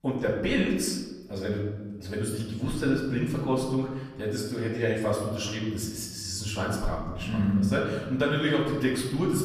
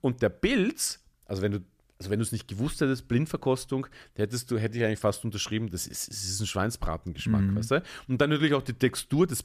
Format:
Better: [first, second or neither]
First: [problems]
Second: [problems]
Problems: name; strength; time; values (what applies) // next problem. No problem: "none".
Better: second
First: off-mic speech; far // room echo; noticeable; dies away in 1.1 s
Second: none